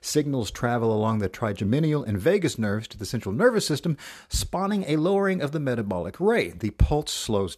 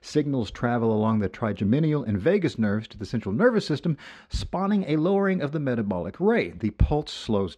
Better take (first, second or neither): first